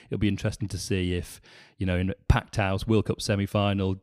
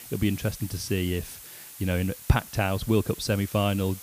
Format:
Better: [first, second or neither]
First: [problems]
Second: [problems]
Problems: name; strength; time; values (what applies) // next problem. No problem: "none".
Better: first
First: none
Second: hiss; noticeable; throughout; 15 dB below the speech